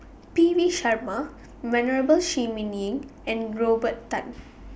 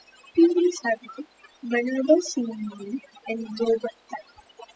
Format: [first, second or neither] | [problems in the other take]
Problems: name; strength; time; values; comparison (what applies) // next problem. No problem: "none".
first | noise reduction (classical method spectral subtraction)